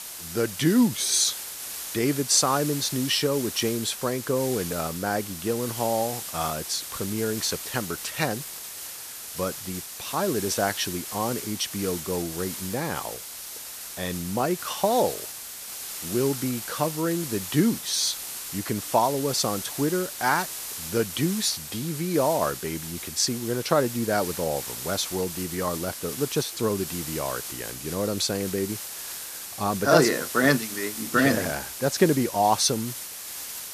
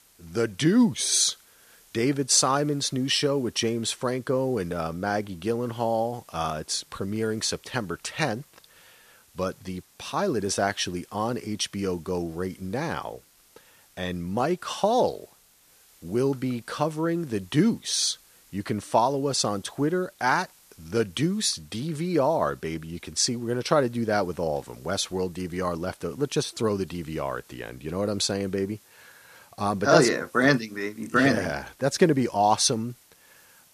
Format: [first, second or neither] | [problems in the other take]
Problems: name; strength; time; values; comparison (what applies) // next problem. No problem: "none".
second | hiss; loud; throughout; 7 dB below the speech; faint in the second